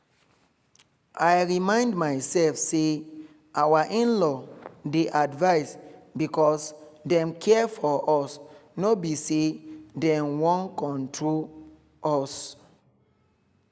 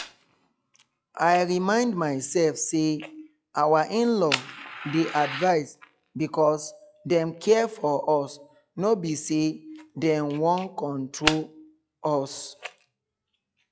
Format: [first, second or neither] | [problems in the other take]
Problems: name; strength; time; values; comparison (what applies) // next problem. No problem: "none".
first | noise reduction (classical method log-MMSE)